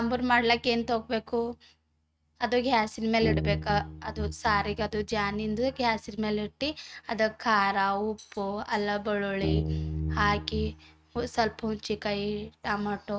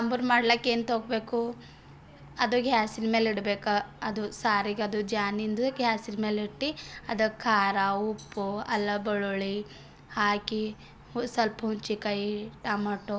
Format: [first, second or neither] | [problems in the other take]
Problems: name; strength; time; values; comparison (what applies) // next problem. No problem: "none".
second | noise reduction (neural mask model RNNoise)